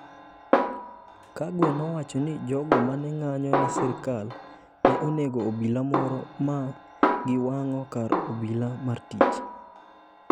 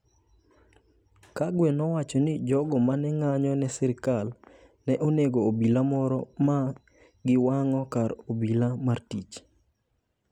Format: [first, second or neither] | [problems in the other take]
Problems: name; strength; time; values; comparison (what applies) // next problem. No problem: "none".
second | background sound (Snare drum); as loud as the speech